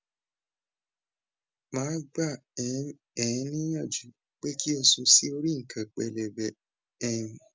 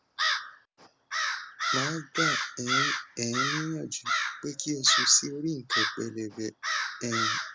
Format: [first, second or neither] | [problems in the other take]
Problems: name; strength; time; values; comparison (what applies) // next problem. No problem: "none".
first | background sound (Crow); 1 dB above the speech